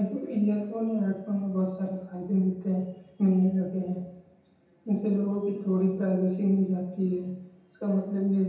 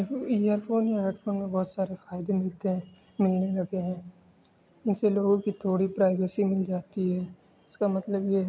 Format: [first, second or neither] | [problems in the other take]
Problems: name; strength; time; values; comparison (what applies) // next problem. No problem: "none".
second | room echo; dies away in 0.9 s